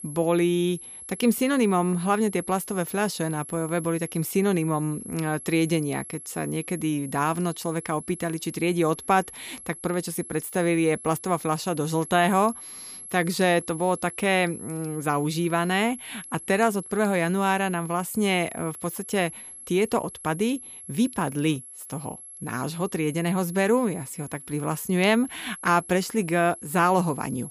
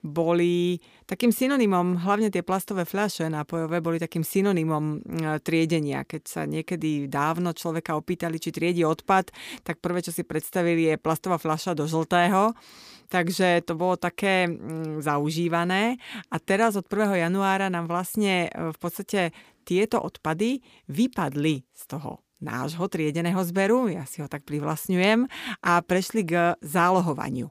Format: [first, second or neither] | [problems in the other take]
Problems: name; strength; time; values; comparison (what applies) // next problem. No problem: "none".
second | high-pitched whine; noticeable; throughout; 11 kHz, 15 dB below the speech